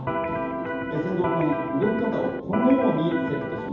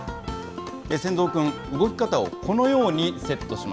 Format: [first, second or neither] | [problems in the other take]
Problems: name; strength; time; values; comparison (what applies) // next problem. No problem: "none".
second | background sound (Electric guitar); 4 dB below the speech // room echo; dies away in 0.9 s